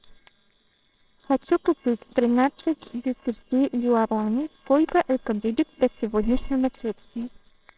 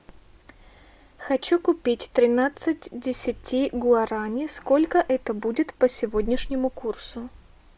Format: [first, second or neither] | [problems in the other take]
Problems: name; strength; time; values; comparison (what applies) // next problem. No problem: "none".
second | noise reduction (neural separator model SepFormer WHAMR!)